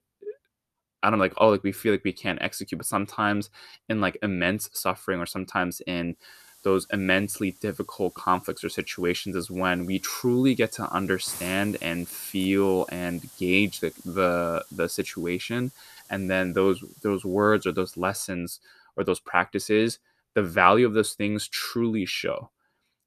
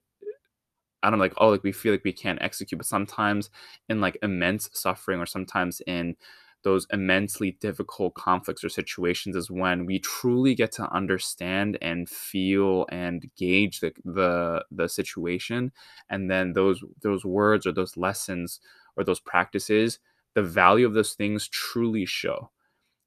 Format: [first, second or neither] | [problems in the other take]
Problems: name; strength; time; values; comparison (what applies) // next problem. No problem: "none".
second | hiss; faint; from 6.5 to 18 s; 20 dB below the speech